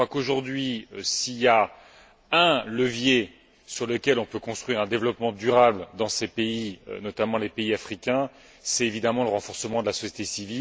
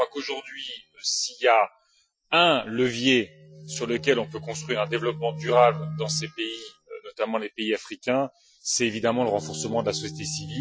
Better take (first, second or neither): first